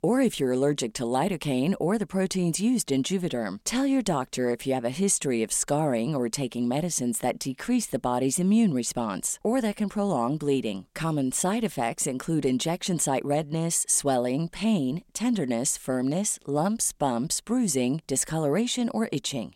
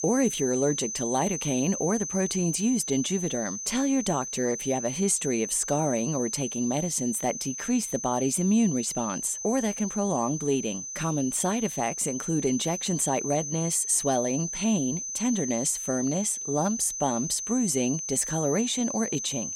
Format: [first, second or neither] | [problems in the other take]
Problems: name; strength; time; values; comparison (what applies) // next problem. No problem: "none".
first | high-pitched whine; loud; throughout; 6 kHz, 5 dB below the speech